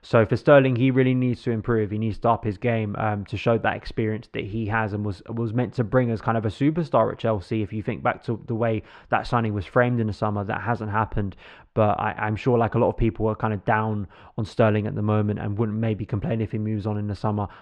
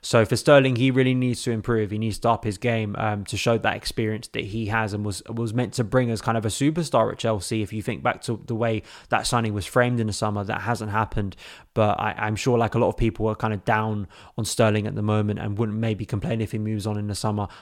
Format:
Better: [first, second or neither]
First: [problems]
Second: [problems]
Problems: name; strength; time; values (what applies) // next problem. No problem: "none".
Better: second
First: muffled; slightly; fading above 2 kHz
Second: none